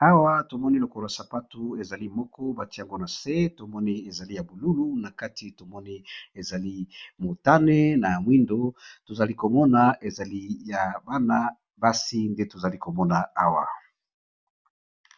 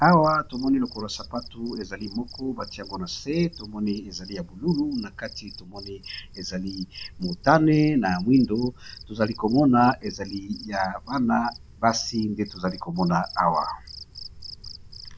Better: first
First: none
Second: background sound (Cricket); 17 dB below the speech

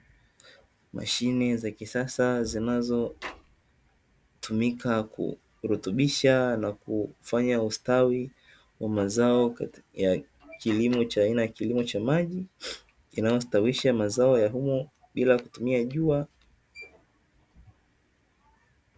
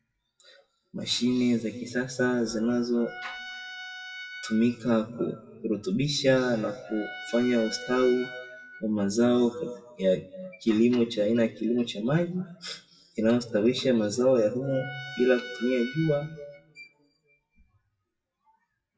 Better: first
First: none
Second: noise reduction (classical method WPE with log-MMSE)

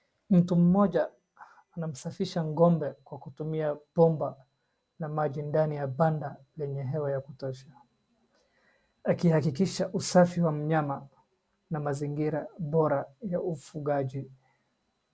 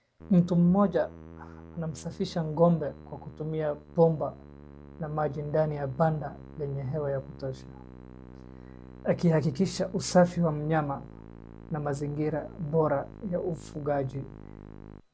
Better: first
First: none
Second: background sound (Musical instrument); 17 dB below the speech

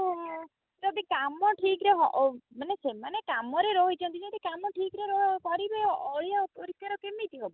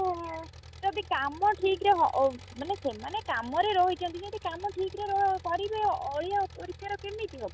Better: first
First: none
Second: background sound (Engine); 18 dB below the speech

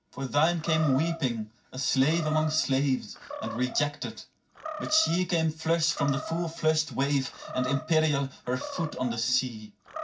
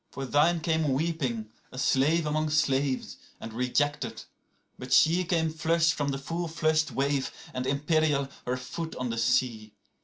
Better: second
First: background sound (Animal); 12 dB below the speech // room echo; dies away in 0.4 s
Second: none

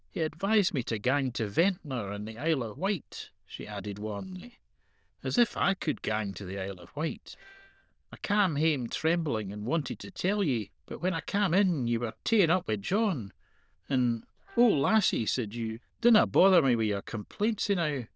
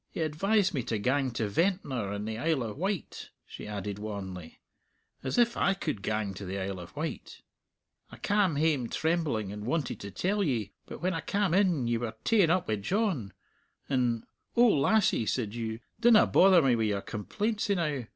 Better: second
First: noise reduction (neural diffusion model UNIVERSE++)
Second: none

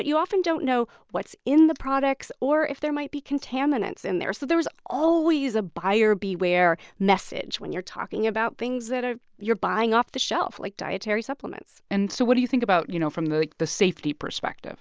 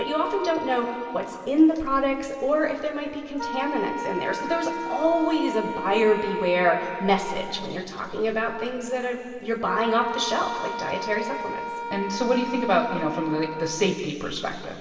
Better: first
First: none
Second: background sound (Wind instrument, woodwind instrument); 9 dB below the speech // room echo; dies away in 2.7 s

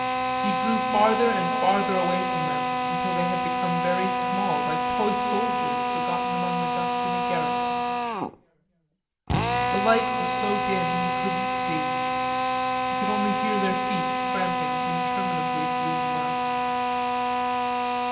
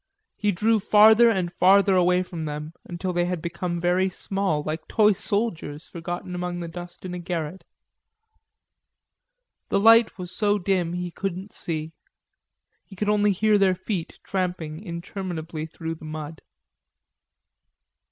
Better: second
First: background sound (Drill); 5 dB above the speech // room echo; dies away in 2.4 s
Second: none

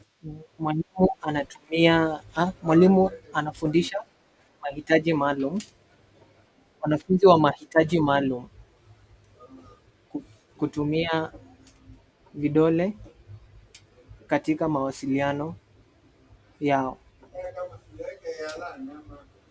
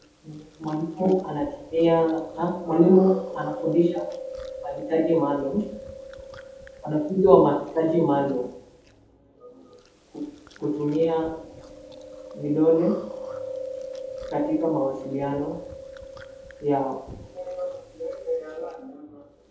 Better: first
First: none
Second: background sound (Chewing, mastication); 14 dB below the speech // room echo; dies away in 0.7 s

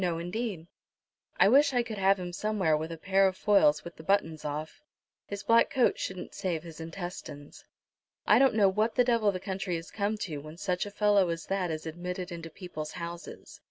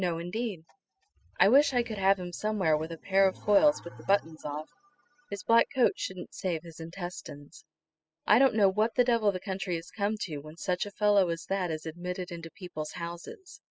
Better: first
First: none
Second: noise reduction (classical method spectral subtraction)

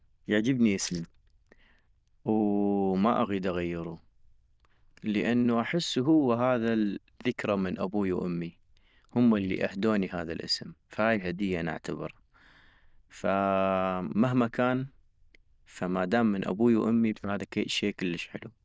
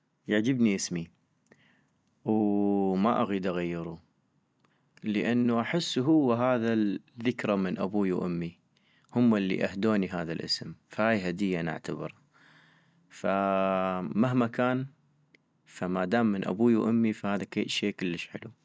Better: second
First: noise reduction (neural diffusion model UNIVERSE++)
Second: none

